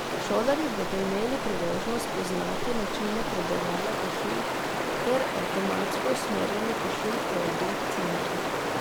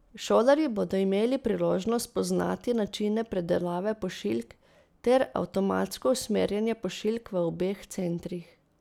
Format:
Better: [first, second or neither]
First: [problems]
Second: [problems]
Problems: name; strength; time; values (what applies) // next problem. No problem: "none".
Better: second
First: background sound (Stream); 2 dB above the speech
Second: none